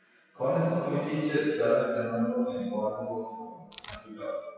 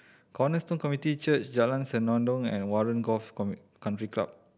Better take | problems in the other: second | noise reduction (classical method WPE with log-MMSE)

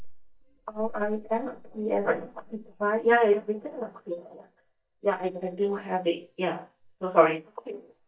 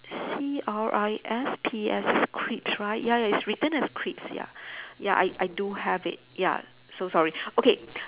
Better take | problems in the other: second | noise reduction (neural mask model DeepFilterNet 3)

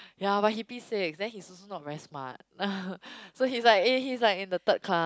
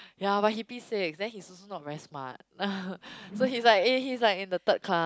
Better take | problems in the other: first | background sound (Whoosh, swoosh, swish); 14 dB below the speech

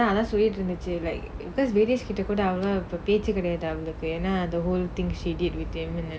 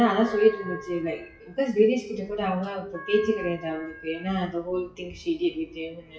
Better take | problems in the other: first | noise reduction (classical method WPE with log-MMSE)

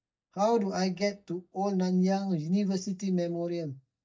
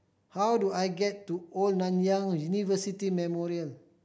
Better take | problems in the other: second | noise reduction (neural mask model DeepFilterNet 3)

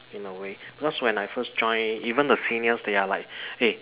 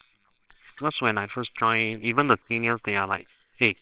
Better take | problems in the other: first | noise reduction (neural separator model SepFormer WHAMR!)

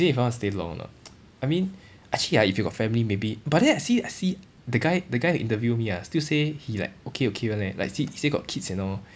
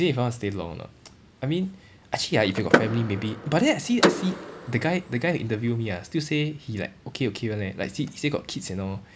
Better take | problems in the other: first | background sound (Door / Car); 1 dB below the speech

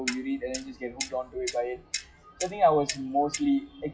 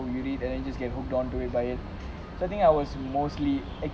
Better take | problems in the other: second | noise reduction (classical method WPE with log-MMSE)

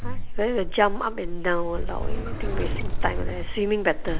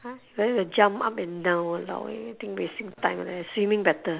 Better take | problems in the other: second | background sound (Sliding door); 2 dB above the speech

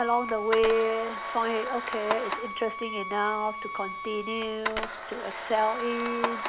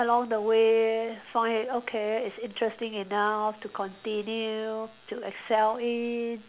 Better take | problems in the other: second | background sound (Wind instrument, woodwind instrument + Camera); 5 dB below the speech

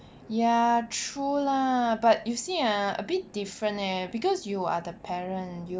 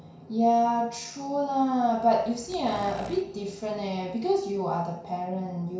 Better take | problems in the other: first | background sound (Insect); 20 dB below the speech // room echo; dies away in 0.6 s

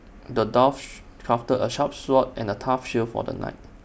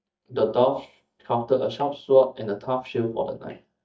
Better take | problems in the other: first | noise reduction (neural mask model DeepFilterNet 3)

